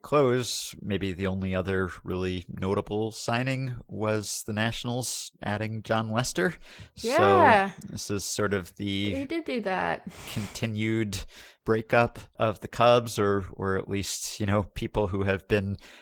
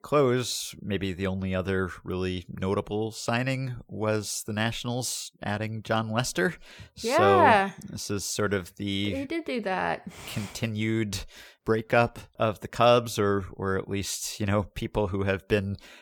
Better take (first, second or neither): second